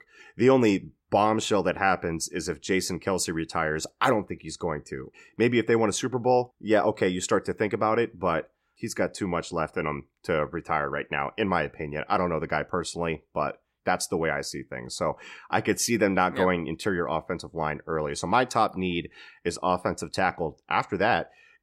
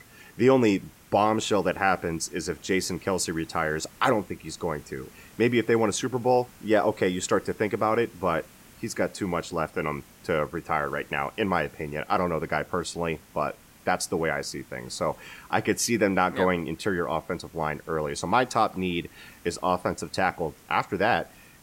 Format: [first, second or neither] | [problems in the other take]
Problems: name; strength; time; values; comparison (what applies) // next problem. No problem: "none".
first | hiss; faint; throughout; 25 dB below the speech